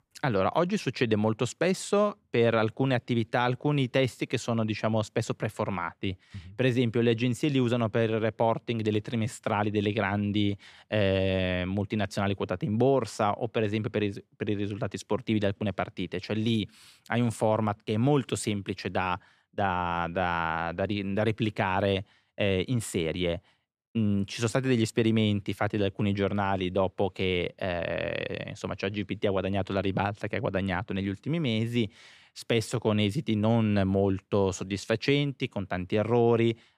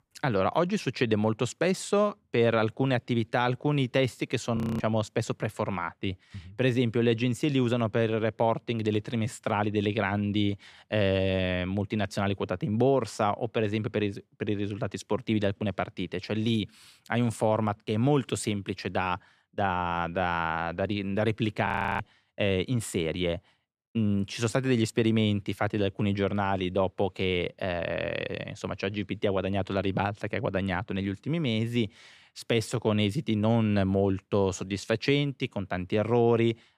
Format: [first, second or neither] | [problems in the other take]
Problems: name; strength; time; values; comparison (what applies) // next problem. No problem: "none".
first | audio freezing; at 4.5 s and at 22 s